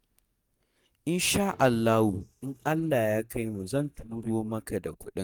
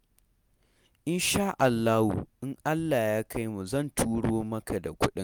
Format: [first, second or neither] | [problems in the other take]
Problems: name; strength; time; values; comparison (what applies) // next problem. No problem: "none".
second | noise reduction (neural mask model DeepFilterNet 3)